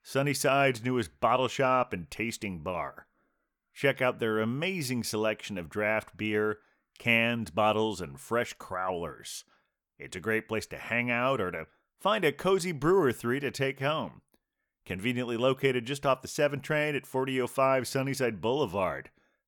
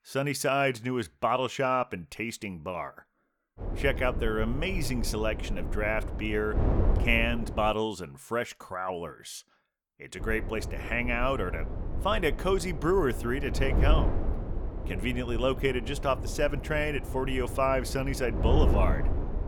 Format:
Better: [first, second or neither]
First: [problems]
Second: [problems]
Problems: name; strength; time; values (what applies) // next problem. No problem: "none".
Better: first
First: none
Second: wind noise on the microphone; occasional gusts; from 3.5 to 7.5 s and from 10 s on; 10 dB below the speech